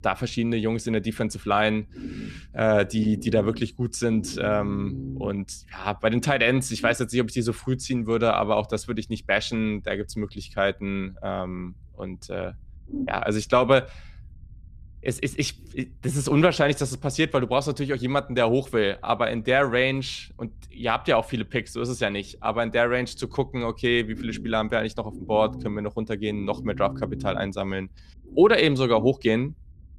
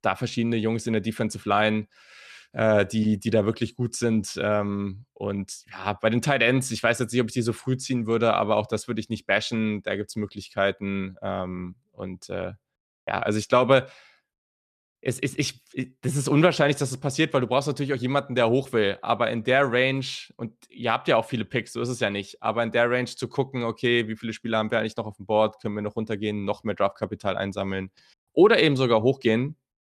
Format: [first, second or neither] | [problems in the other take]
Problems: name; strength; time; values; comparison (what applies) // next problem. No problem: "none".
second | low rumble; noticeable; throughout; 20 dB below the speech